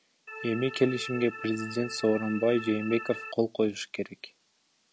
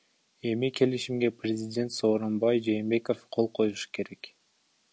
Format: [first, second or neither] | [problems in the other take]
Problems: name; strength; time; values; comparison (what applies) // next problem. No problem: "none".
second | background sound (Organ); 11 dB below the speech